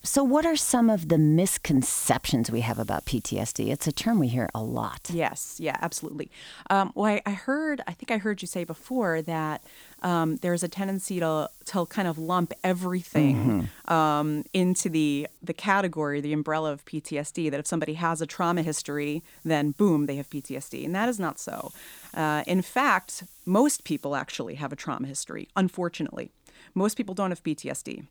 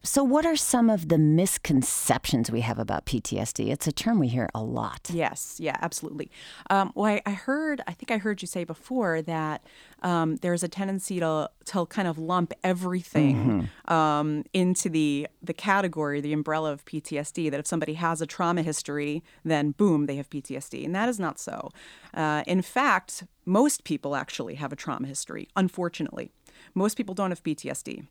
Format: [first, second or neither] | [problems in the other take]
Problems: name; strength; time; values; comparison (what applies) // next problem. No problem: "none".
second | hiss; faint; until 6 s, from 8.5 to 15 s and from 18 to 24 s; 20 dB below the speech